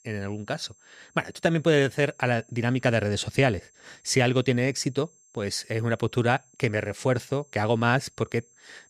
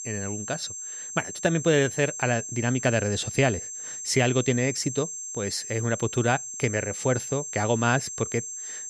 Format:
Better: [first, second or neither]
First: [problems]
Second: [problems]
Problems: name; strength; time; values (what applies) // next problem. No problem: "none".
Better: first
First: high-pitched whine; faint; throughout; 7.5 kHz, 30 dB below the speech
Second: high-pitched whine; loud; throughout; 7.5 kHz, 7 dB below the speech